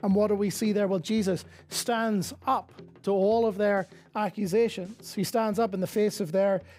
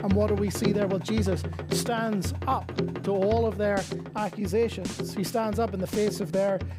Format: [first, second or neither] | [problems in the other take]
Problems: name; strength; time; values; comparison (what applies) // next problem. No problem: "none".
first | background music; loud; throughout; 5 dB below the speech; faint in the first